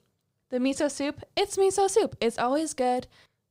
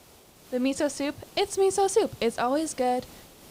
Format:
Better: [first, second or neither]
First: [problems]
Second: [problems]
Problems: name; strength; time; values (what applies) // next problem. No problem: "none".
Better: first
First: none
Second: hiss; faint; throughout; 25 dB below the speech